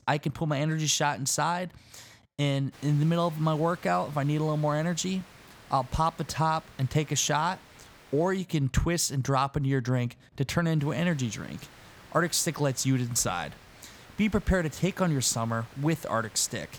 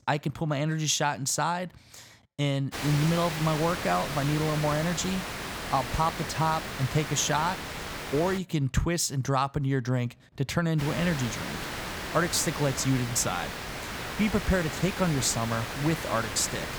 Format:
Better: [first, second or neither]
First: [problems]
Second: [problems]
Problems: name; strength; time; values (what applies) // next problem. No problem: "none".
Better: first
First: hiss; faint; from 2.5 to 8.5 s and from 11 s on; 25 dB below the speech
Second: hiss; loud; from 2.5 to 8.5 s and from 11 s on; 6 dB below the speech